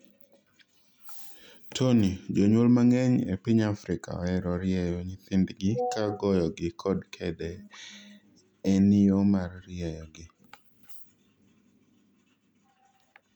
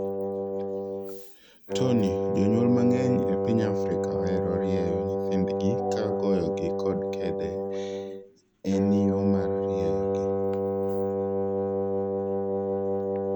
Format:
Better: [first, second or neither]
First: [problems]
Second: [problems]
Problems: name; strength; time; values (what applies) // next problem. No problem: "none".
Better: first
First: none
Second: background sound (Wind instrument, woodwind instrument); 2 dB above the speech